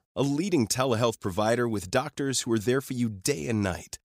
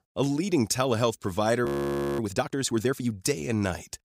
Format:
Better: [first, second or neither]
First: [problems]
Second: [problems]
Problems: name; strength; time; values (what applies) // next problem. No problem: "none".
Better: first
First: none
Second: audio freezing; at 1.5 s for 0.5 s